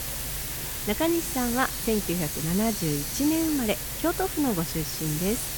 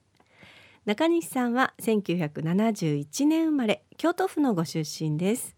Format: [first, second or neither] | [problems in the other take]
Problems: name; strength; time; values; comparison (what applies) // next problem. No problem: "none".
second | hiss; loud; throughout; 2 dB below the speech